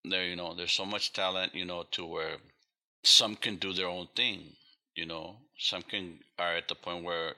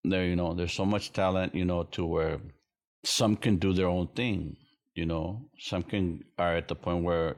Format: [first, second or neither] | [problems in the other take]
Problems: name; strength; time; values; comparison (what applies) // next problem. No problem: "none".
second | thin; somewhat; fading below 950 Hz